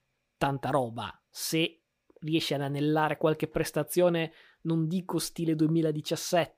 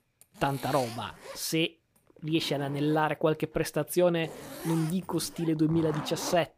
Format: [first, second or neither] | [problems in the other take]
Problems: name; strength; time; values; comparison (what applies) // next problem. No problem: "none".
first | household noises; noticeable; throughout; 15 dB below the speech